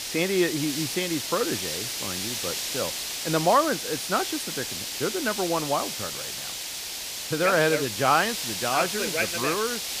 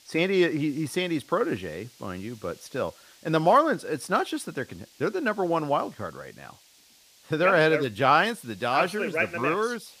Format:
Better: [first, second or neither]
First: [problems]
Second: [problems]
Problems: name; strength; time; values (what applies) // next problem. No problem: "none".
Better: second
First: hiss; loud; throughout; 3 dB below the speech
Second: hiss; faint; throughout; 25 dB below the speech